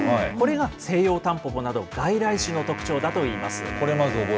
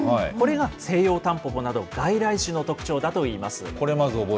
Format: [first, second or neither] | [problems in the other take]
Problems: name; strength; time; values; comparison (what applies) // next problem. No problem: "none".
second | background sound (Wind instrument, woodwind instrument); 11 dB below the speech